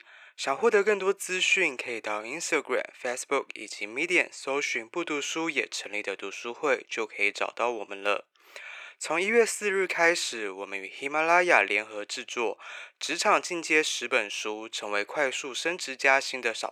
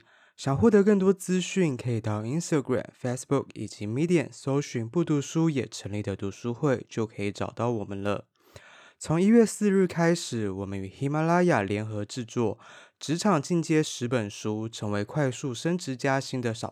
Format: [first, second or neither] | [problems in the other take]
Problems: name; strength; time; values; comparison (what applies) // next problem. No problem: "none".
second | thin; very; fading below 450 Hz